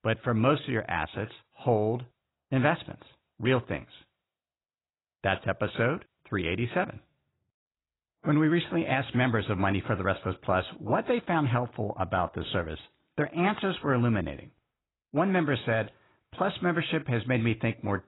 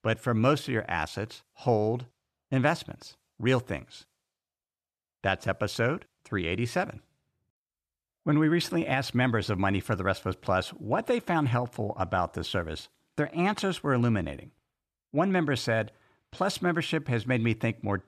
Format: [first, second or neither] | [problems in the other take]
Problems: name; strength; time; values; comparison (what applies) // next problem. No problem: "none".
second | garbled, watery; badly; nothing above 4 kHz